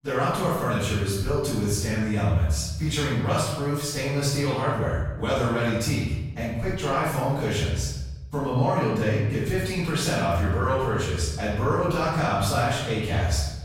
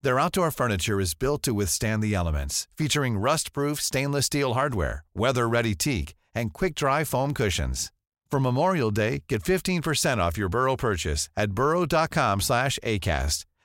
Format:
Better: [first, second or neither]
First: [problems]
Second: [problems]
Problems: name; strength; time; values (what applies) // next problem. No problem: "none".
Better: second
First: off-mic speech; far // room echo; strong; dies away in 1.2 s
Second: none